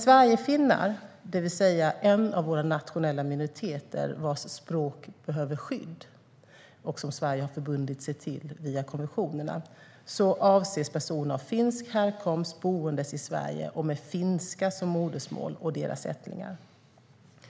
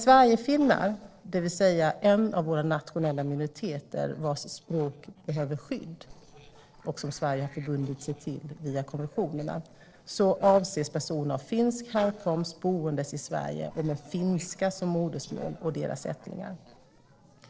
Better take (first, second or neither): first